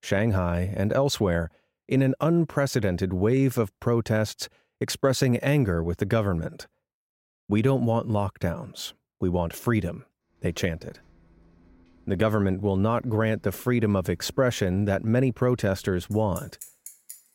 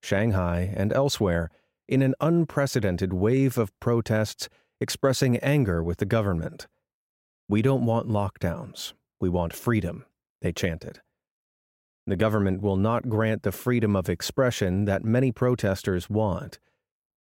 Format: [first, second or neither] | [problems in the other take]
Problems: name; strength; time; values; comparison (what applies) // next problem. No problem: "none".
second | traffic noise; faint; from 10 s on; 25 dB below the speech